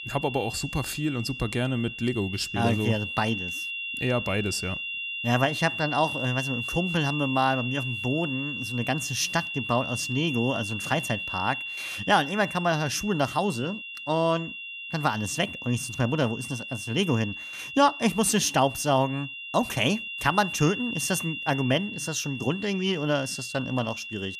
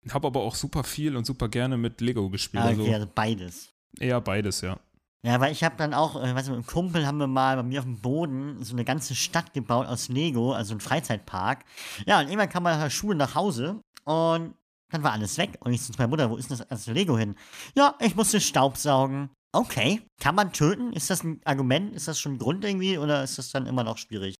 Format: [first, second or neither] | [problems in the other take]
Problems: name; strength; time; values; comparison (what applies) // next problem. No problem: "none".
second | high-pitched whine; loud; throughout; 3 kHz, 6 dB below the speech